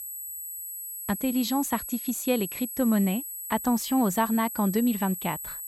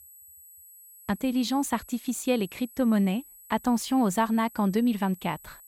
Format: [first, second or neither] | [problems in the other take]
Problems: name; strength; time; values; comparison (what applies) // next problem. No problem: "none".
second | high-pitched whine; loud; throughout; 11.5 kHz, 7 dB below the speech; faint in the second